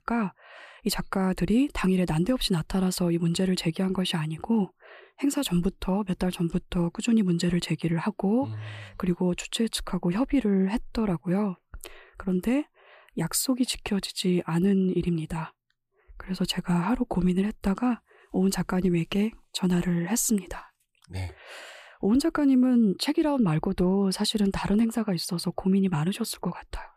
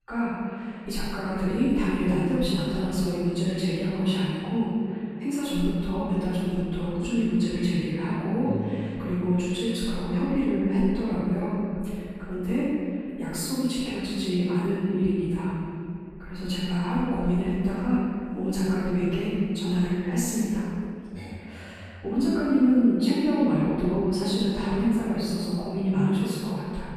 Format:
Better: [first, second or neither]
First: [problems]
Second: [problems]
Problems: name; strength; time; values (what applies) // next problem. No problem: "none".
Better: first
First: none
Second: room echo; strong; dies away in 2.4 s // off-mic speech; far